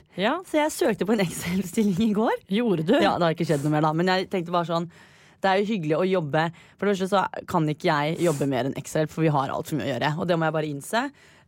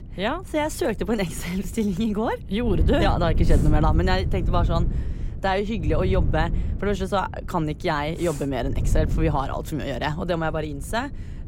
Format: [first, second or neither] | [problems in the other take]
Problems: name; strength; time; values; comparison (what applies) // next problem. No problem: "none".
first | wind noise on the microphone; occasional gusts; 15 dB below the speech